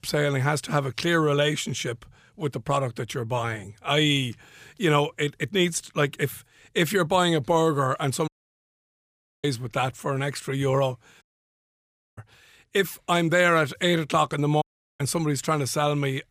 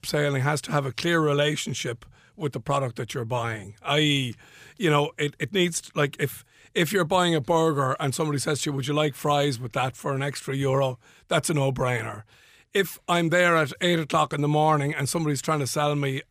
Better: second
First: audio cutting out; at 8.5 s for 1 s, at 11 s for 1 s and at 15 s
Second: none

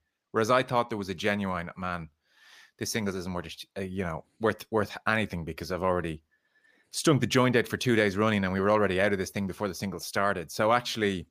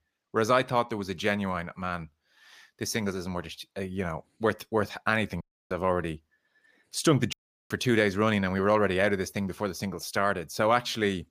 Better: first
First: none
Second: audio cutting out; at 5.5 s and at 7.5 s

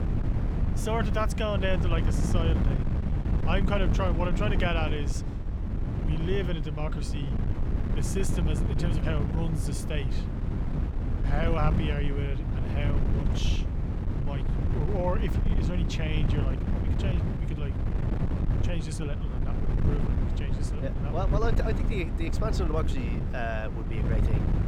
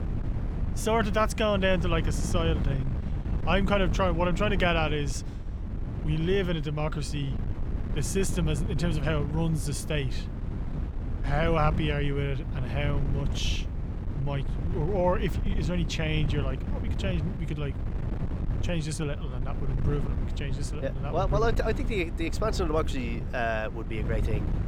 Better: second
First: wind noise on the microphone; heavy; 5 dB below the speech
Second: wind noise on the microphone; occasional gusts; 10 dB below the speech

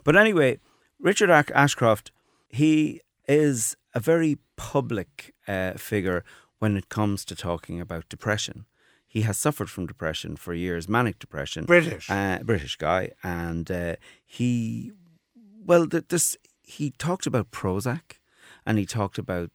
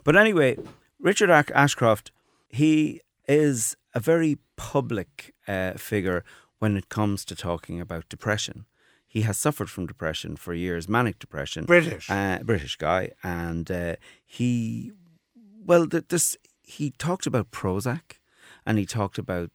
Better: first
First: none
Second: footsteps; faint; at 0.5 s; peak 20 dB below the speech

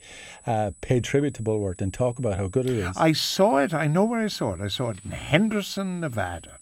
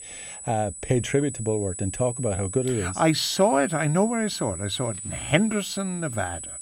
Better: first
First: high-pitched whine; faint; throughout; 8 kHz, 20 dB below the speech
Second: high-pitched whine; loud; throughout; 8 kHz, 9 dB below the speech

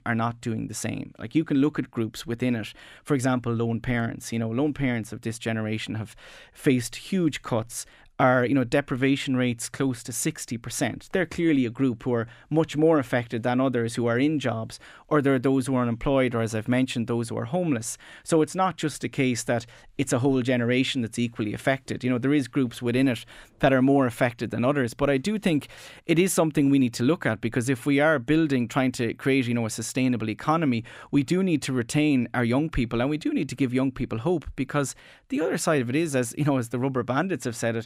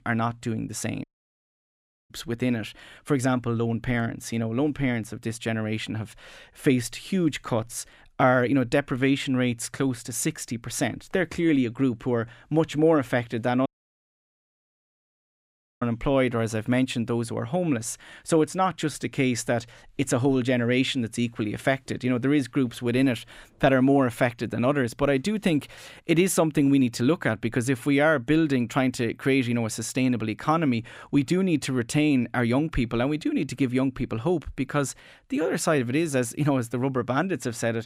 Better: first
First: none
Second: audio cutting out; at 1 s for 1 s and at 14 s for 2 s

